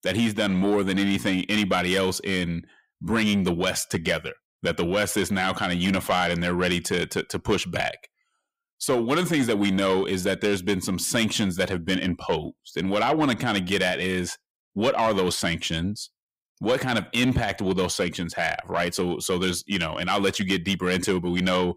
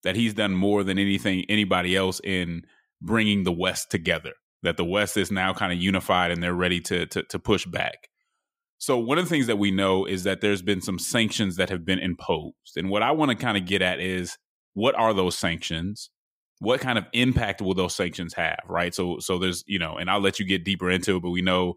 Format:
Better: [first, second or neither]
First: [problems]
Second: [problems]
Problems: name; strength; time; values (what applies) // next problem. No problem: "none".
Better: second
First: distortion; slight; 10 dB below the speech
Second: none